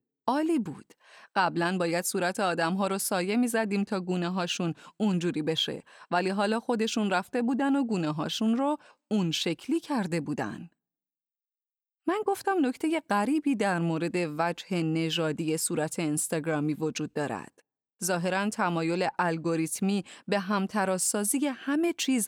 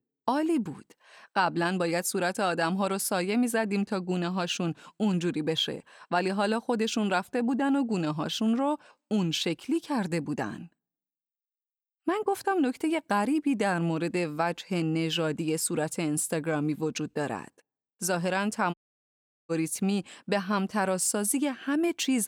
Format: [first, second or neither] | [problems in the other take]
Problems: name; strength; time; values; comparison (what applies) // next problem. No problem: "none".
first | audio cutting out; at 19 s for 1 s